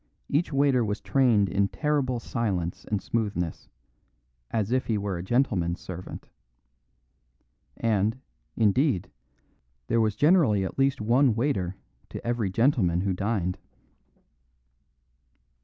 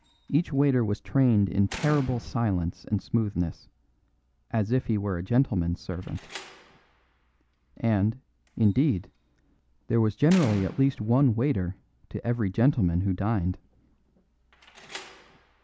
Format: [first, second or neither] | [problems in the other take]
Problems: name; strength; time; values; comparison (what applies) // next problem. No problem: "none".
first | background sound (Slam); 20 dB below the speech